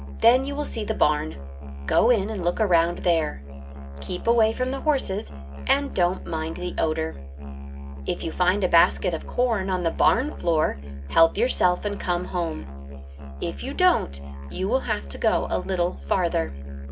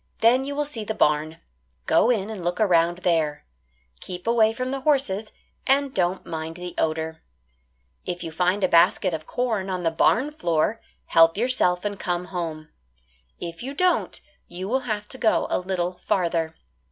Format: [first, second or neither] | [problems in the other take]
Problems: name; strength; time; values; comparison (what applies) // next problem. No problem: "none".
second | background sound (Musical instrument); 9 dB below the speech // room echo; dies away in 0.3 s